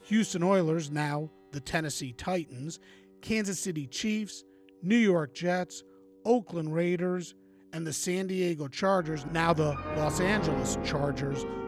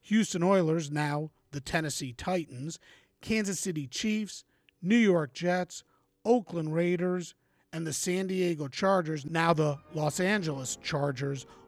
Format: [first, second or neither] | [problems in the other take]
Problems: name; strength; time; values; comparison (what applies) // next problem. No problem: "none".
second | background music; loud; throughout; 6 dB below the speech; faint in the second